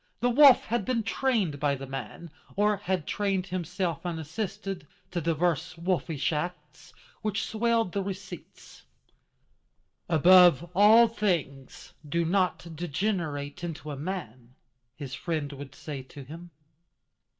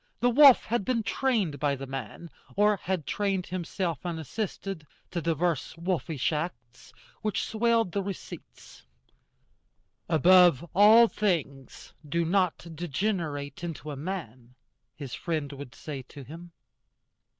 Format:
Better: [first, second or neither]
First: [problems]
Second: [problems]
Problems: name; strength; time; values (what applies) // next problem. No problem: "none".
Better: second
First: room echo; dies away in 0.2 s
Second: none